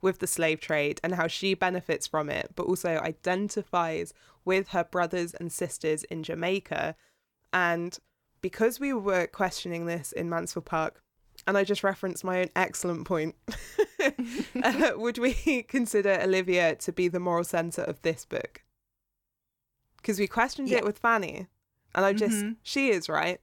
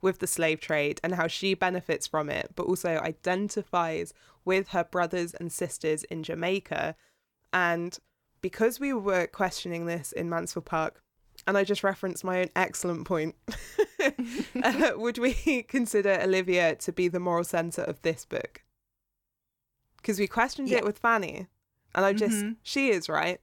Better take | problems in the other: neither | none

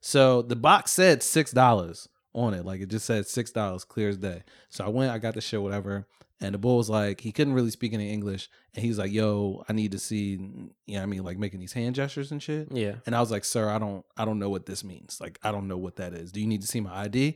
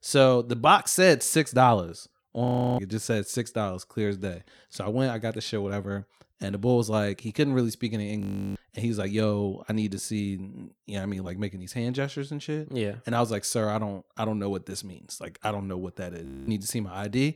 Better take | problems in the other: first | audio freezing; at 2.5 s, at 8 s and at 16 s

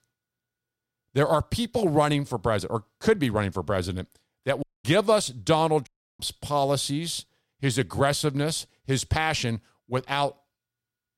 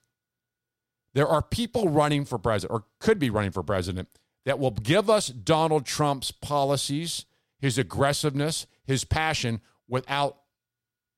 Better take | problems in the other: second | audio cutting out; at 4.5 s and at 6 s

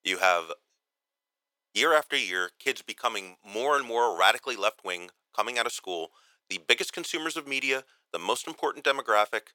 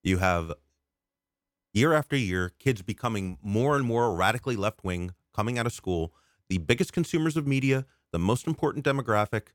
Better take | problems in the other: second | thin; very; fading below 500 Hz

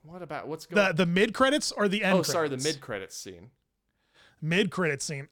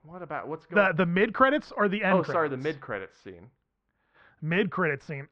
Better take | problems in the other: first | muffled; very; fading above 2.5 kHz

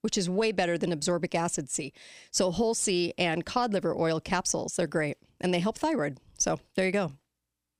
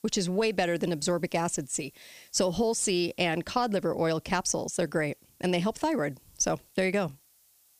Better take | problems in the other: first | hiss; faint; throughout; 30 dB below the speech

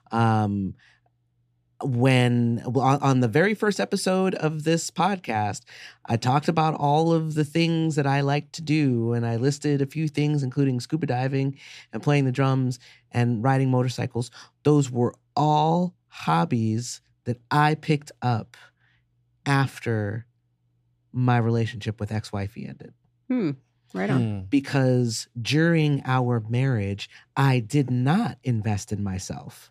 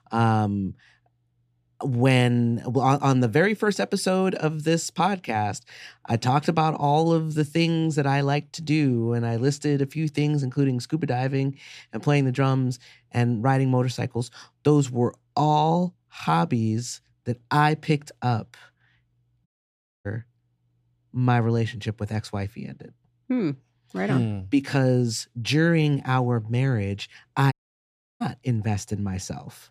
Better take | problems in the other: first | audio cutting out; at 19 s for 0.5 s and at 28 s for 0.5 s

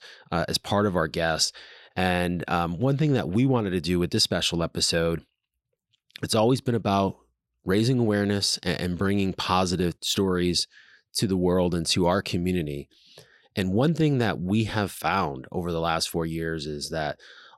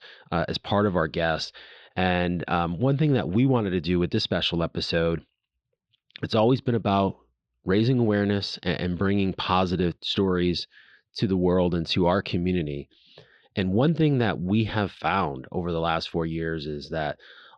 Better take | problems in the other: first | muffled; slightly; fading above 3.5 kHz

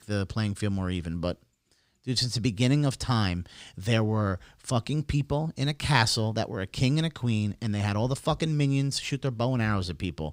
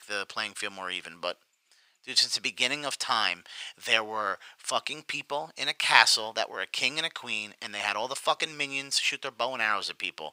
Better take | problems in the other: first | thin; very; fading below 900 Hz

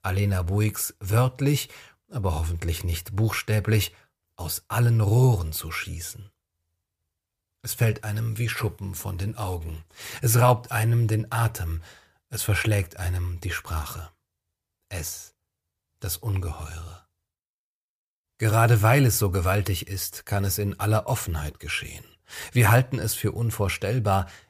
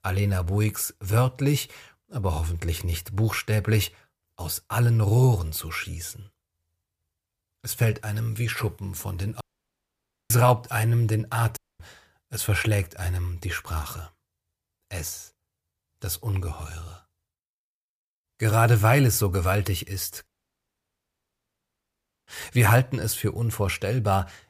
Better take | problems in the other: first | audio cutting out; at 9.5 s for 1 s, at 12 s and at 20 s for 2 s

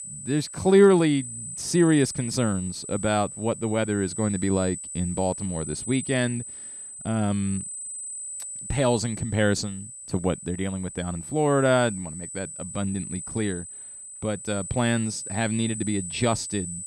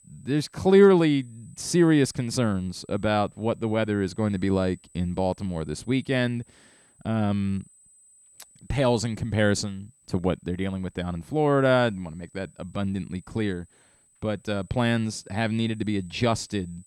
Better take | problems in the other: second | high-pitched whine; loud; throughout; 8 kHz, 9 dB below the speech; faint in the second

